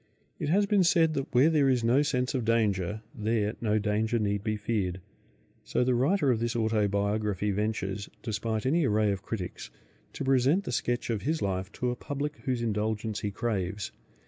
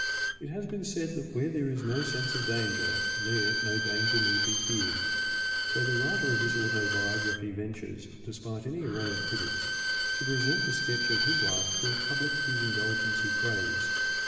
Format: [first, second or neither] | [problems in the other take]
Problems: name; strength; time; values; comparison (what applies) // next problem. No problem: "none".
first | background sound (Bowed string instrument); 3 dB above the speech // room echo; dies away in 2.1 s